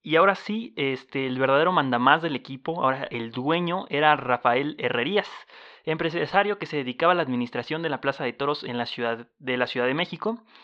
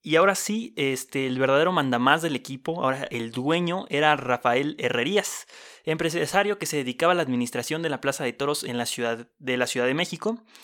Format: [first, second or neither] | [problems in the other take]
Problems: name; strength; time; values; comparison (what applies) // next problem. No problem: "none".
second | muffled; slightly; fading above 4 kHz